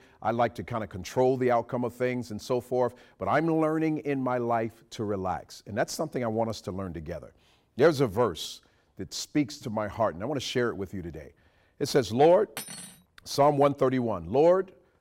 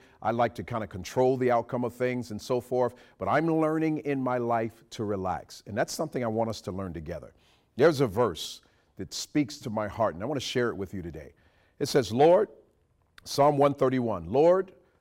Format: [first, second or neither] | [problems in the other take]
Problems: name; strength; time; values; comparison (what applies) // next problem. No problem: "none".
second | clattering dishes; faint; at 13 s; peak 10 dB below the speech